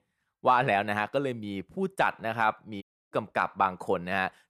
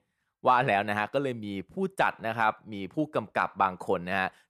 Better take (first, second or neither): second